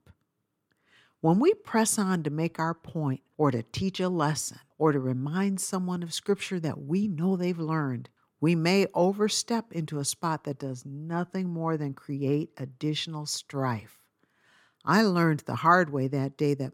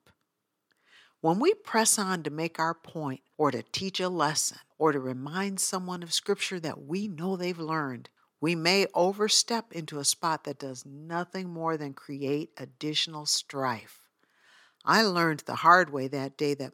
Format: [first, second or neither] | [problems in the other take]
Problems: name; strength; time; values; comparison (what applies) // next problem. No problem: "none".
first | thin; somewhat; fading below 550 Hz